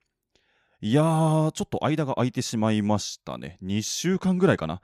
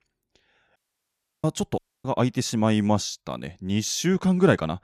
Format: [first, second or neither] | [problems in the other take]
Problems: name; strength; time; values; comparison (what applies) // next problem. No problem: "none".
first | audio cutting out; at 1 s for 0.5 s and at 2 s